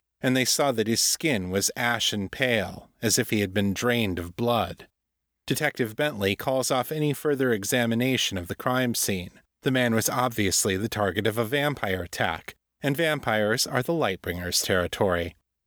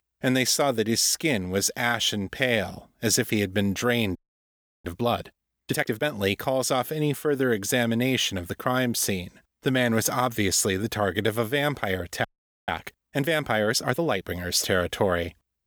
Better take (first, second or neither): first